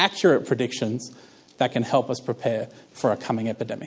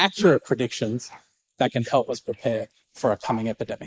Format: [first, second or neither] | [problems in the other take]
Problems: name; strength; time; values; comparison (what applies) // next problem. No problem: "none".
first | noise reduction (neural mask model Resemble Enhance denoiser)